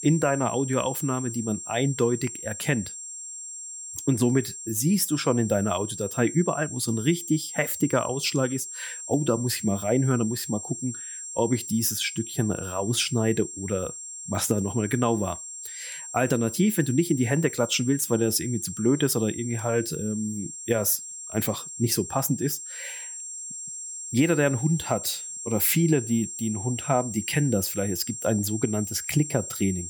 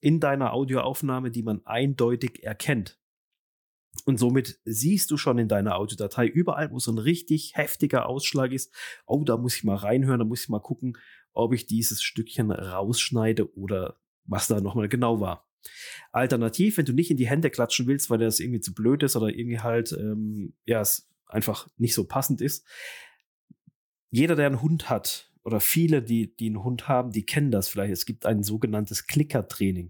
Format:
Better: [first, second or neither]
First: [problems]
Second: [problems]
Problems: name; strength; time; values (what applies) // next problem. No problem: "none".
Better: second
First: high-pitched whine; loud; throughout; 7.5 kHz, 9 dB below the speech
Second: none